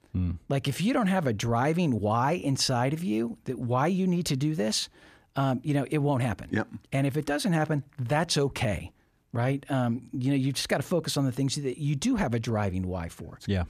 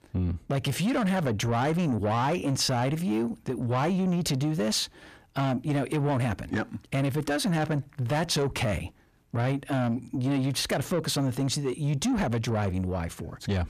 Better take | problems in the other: first | distortion; slight; 10 dB below the speech

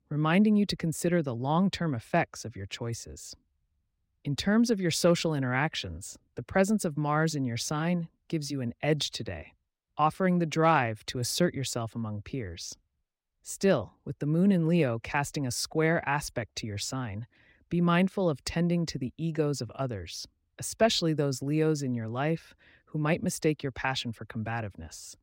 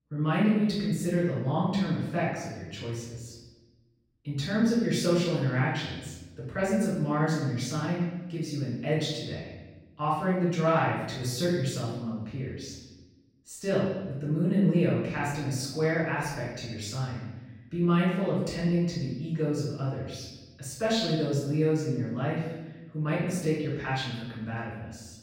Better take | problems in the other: first | off-mic speech; far // room echo; noticeable; dies away in 1.1 s

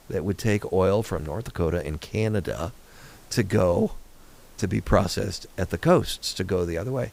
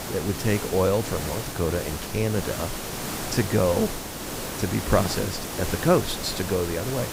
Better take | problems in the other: first | hiss; loud; throughout; 5 dB below the speech; faint in the first

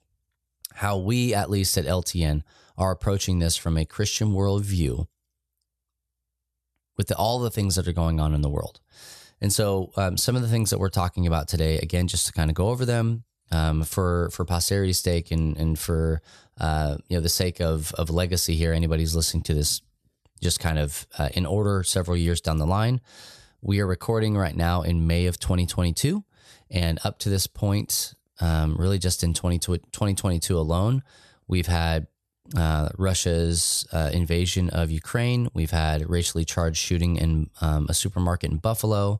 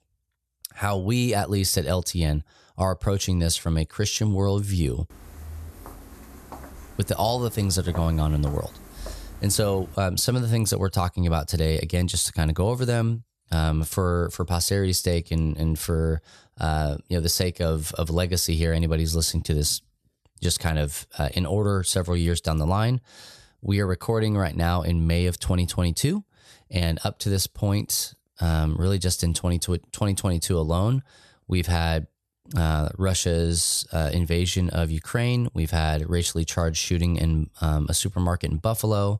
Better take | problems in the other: first | footsteps; faint; from 5 to 10 s; peak 15 dB below the speech

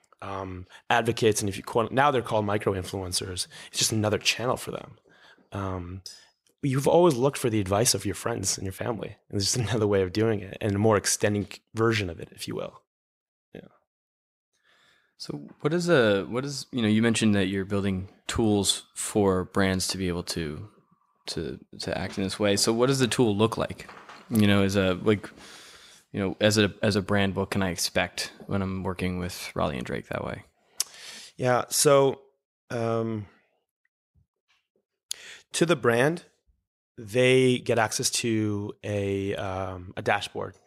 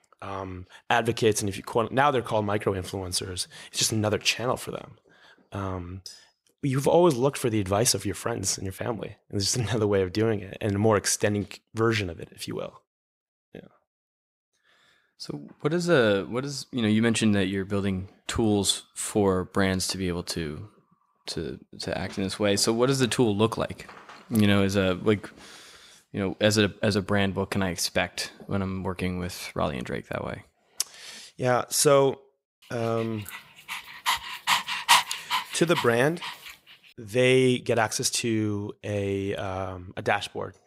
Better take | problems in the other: first | dog barking; loud; from 34 to 36 s; peak 6 dB above the speech

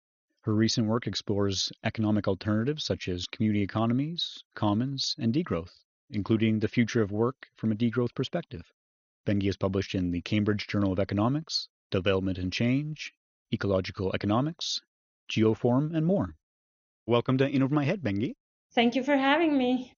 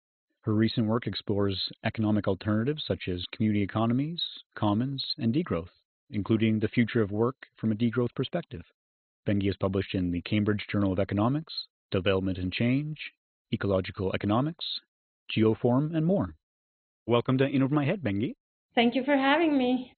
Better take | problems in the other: first | garbled, watery; badly; nothing above 4 kHz; slightly in the first

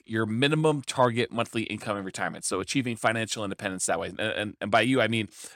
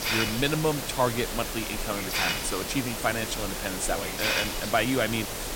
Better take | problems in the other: first | hiss; loud; throughout; 1 dB below the speech

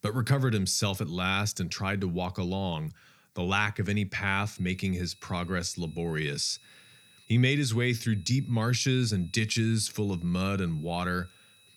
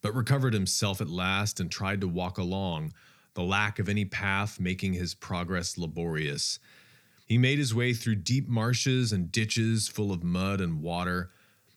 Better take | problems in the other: second | high-pitched whine; faint; from 4.5 s on; 4 kHz, 30 dB below the speech

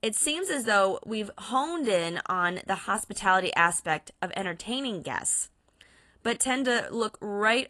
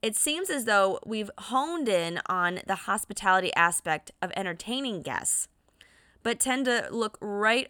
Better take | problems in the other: second | garbled, watery; slightly

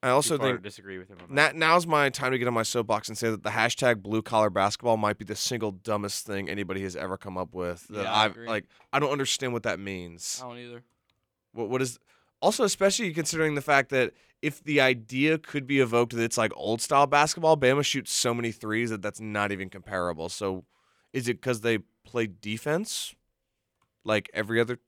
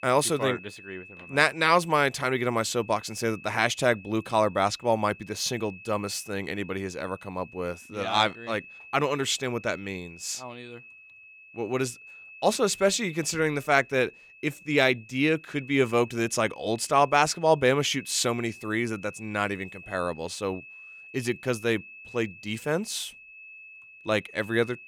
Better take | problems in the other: first | high-pitched whine; noticeable; throughout; 2.5 kHz, 20 dB below the speech

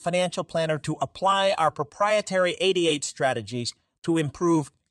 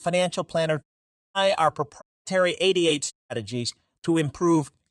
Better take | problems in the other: first | audio cutting out; at 1 s for 0.5 s, at 2 s and at 3 s

